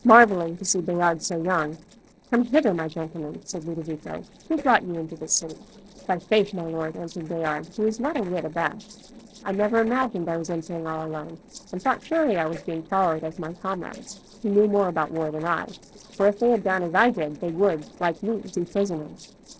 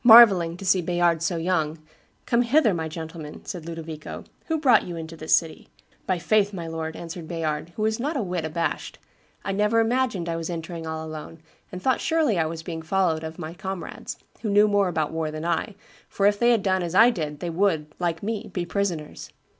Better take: second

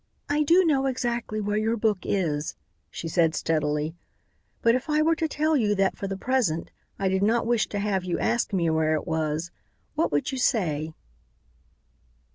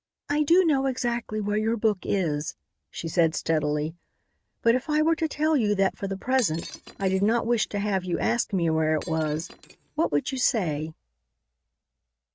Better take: first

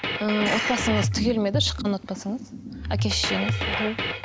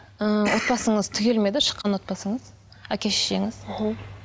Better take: second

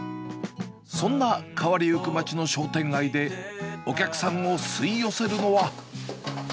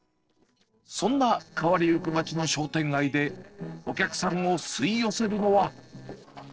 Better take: first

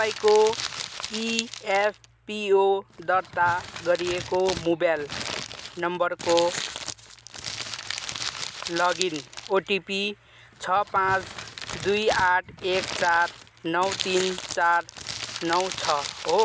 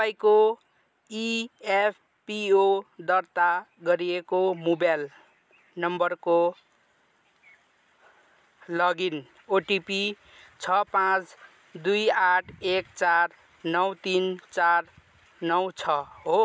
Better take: second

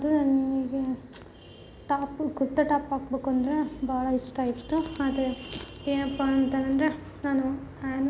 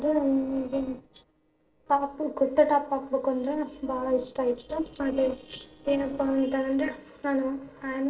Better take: first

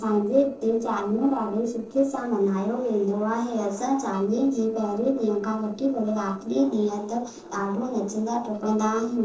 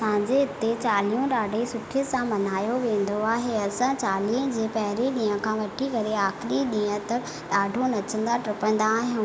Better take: second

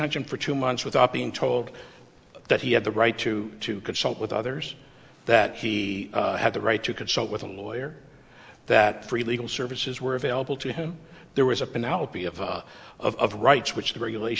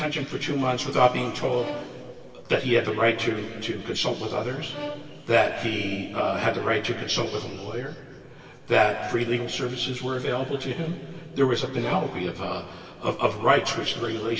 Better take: first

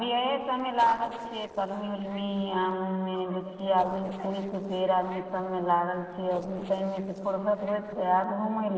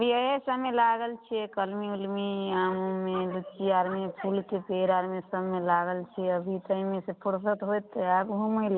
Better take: second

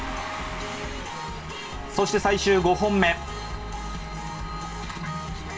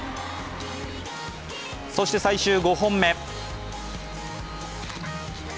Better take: second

